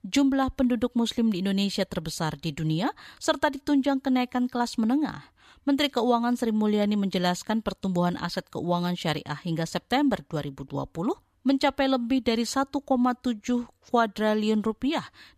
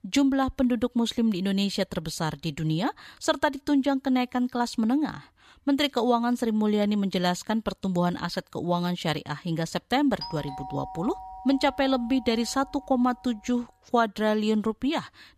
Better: first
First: none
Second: doorbell; faint; from 10 to 13 s; peak 10 dB below the speech

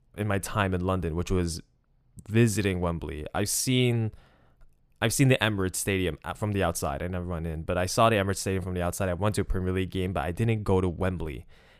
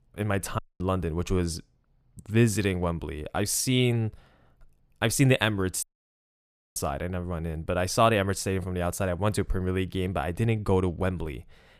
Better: first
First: none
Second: audio cutting out; at 0.5 s and at 6 s for 1 s

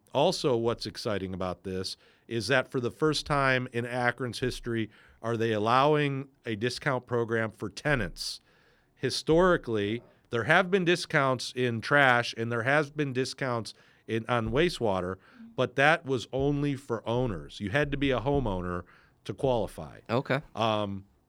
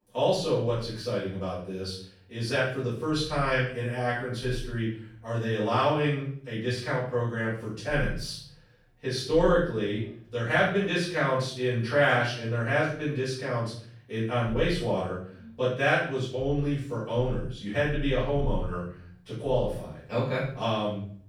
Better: first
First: none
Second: off-mic speech; far // room echo; noticeable; dies away in 0.5 s

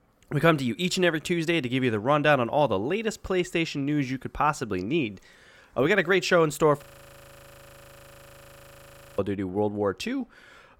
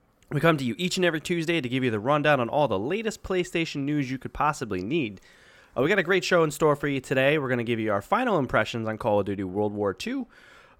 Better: second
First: audio freezing; at 7 s for 2.5 s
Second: none

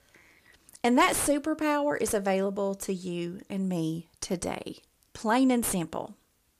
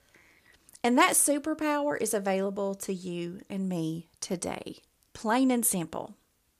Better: second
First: distortion; slight; 10 dB below the speech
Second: none

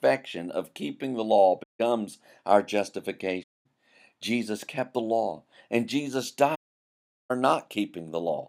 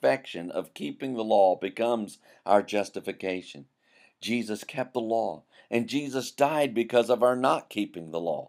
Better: second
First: audio cutting out; at 1.5 s, at 3.5 s and at 6.5 s for 0.5 s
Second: none

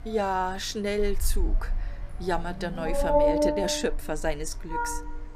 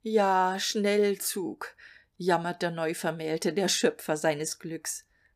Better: second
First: household noises; very loud; throughout; 1 dB above the speech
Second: none

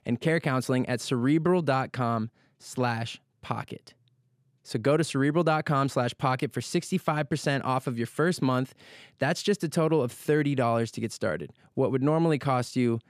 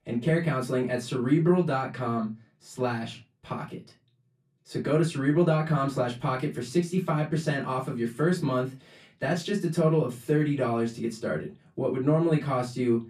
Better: first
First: none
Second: off-mic speech; far // room echo; very slight; dies away in 0.2 s

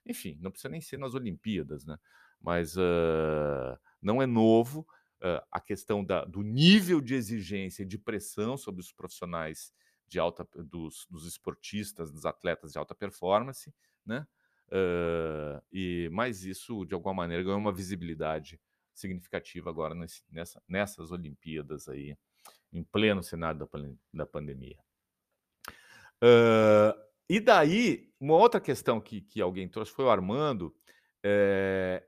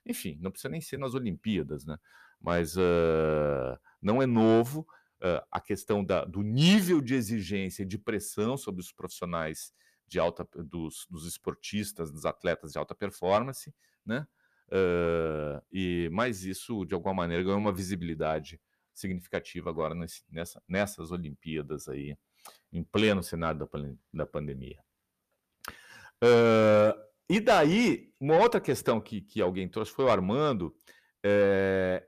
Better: first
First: none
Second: distortion; slight; 10 dB below the speech

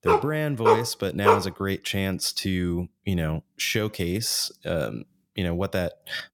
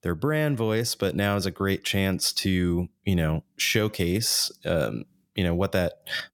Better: second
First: dog barking; loud; until 1.5 s; peak 6 dB above the speech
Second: none

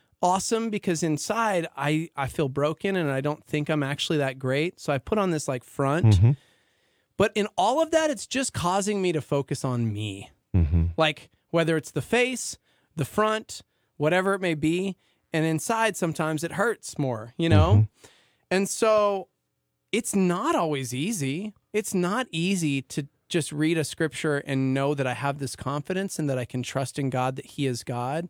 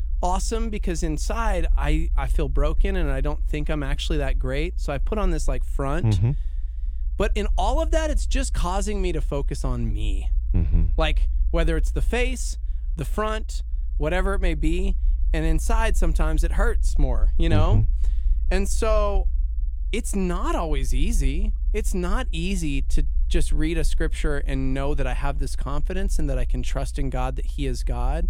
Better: first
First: none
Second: low rumble; faint; throughout; 25 dB below the speech

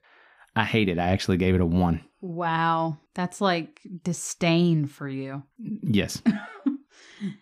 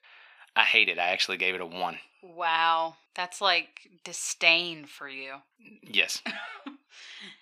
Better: first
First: none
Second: thin; very; fading below 750 Hz

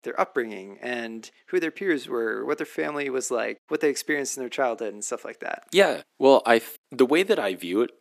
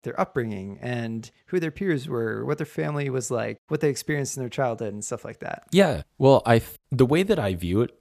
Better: second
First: thin; somewhat; fading below 300 Hz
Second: none

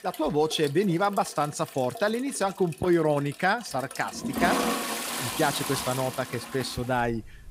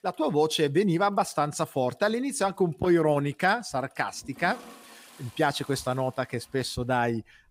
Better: second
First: household noises; loud; throughout; 5 dB below the speech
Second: household noises; faint; throughout; 25 dB below the speech

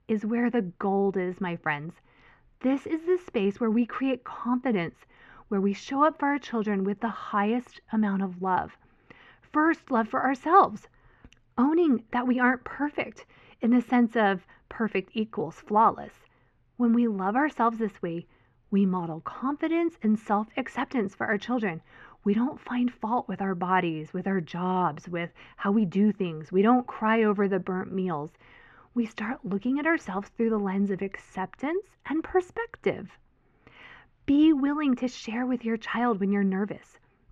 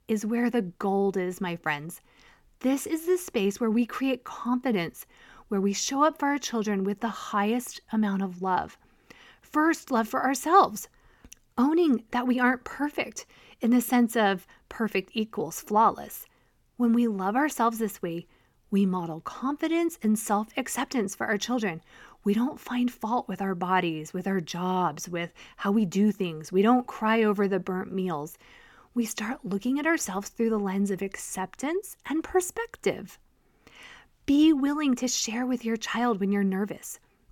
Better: second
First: muffled; very; fading above 2 kHz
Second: none

